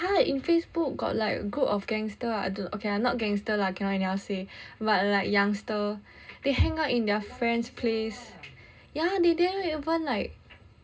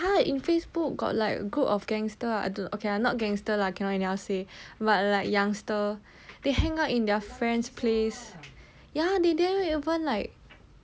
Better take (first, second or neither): second